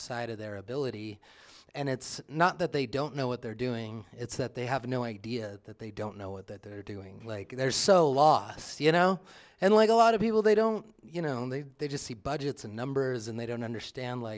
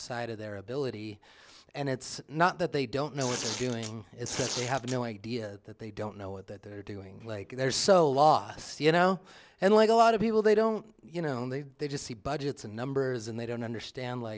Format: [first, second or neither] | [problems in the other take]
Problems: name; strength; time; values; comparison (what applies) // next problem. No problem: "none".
first | background sound (Tearing); 8 dB below the speech